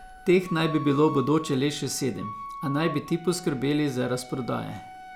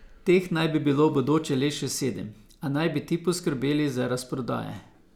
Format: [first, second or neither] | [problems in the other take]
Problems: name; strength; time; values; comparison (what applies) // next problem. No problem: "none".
second | background sound (Wind instrument, woodwind instrument); 14 dB below the speech